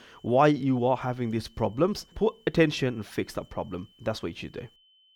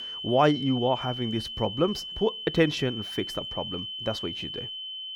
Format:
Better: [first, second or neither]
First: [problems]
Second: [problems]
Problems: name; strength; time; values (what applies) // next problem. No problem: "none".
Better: first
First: high-pitched whine; faint; throughout; 3 kHz, 30 dB below the speech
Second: high-pitched whine; loud; throughout; 3 kHz, 6 dB below the speech